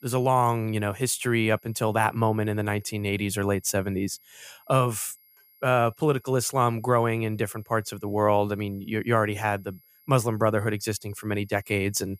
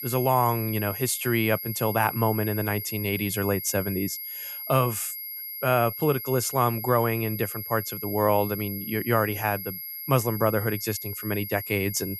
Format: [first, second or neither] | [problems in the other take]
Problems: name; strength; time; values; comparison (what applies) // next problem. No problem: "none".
first | high-pitched whine; loud; throughout; 11.5 kHz, 7 dB below the speech; faint in the first